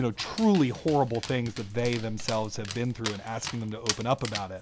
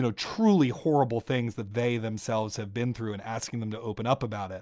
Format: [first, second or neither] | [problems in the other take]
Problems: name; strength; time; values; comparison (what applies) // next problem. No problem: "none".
second | background sound (Dog); 10 dB below the speech